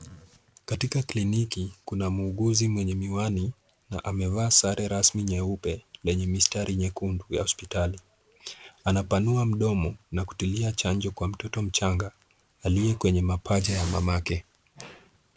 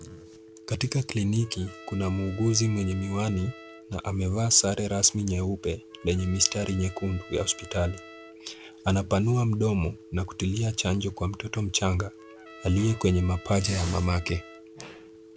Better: first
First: none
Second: background sound (Trumpet + Telephone); 20 dB below the speech

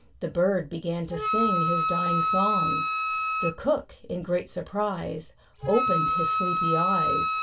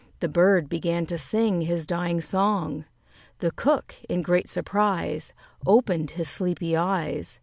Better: second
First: background sound (Wind instrument, woodwind instrument); 1 dB above the speech // room echo; dies away in 0.2 s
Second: none

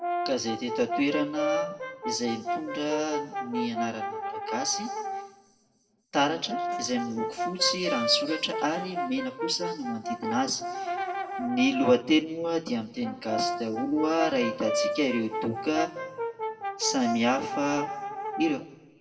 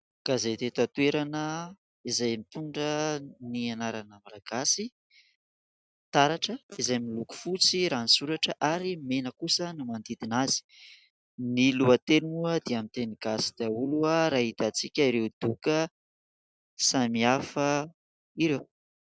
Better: second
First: background sound (Brass instrument); 4 dB below the speech // room echo; dies away in 1.3 s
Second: none

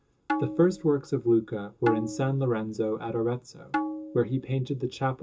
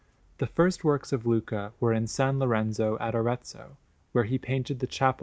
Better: second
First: background sound (Tabla); 8 dB below the speech // room echo; dies away in 0.2 s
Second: none

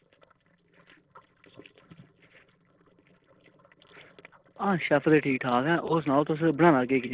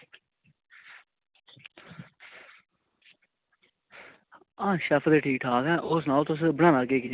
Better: second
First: noise reduction (neural separator model SepFormer DNS4)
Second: none

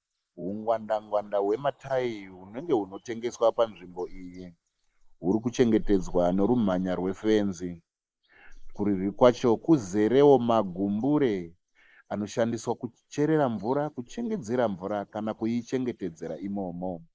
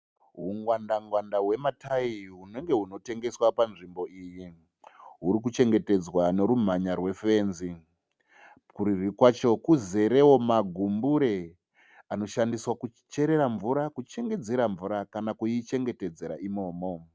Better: second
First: noise reduction (neural mask model Resemble Enhance denoiser)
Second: none

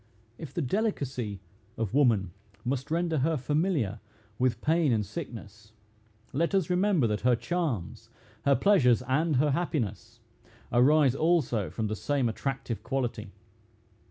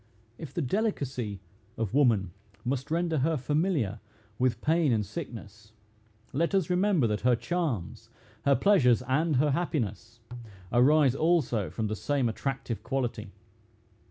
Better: first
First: none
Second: background sound (Tabla); 18 dB below the speech

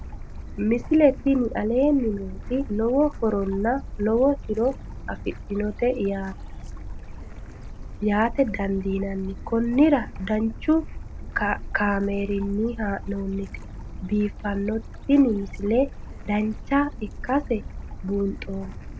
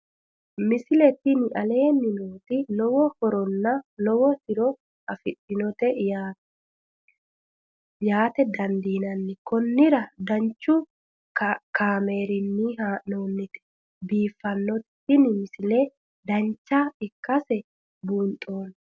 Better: second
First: background sound (Stream / Bird); 10 dB below the speech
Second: none

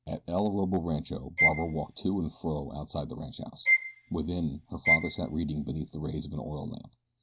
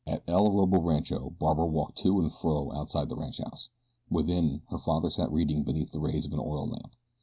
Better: second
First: background sound (Bowed string instrument); 2 dB above the speech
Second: none

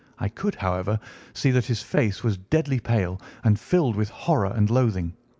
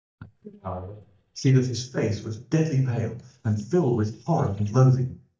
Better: first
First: none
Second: noise reduction (neural mask model DeepFilterNet 3)

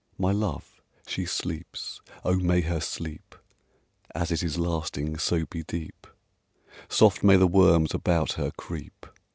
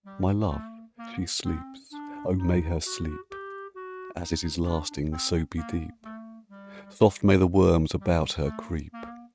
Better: first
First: none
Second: noise reduction (neural mask model RNNoise)

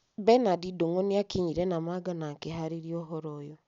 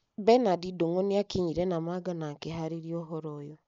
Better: first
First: none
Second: noise reduction (neural mask model Resemble Enhance denoiser)

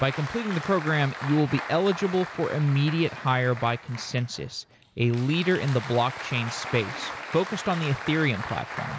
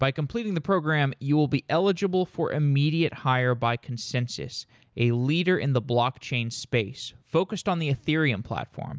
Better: second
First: background sound (Applause); 11 dB below the speech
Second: none

